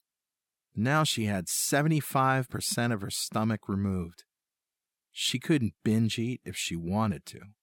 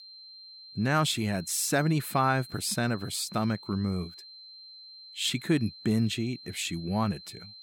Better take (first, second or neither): first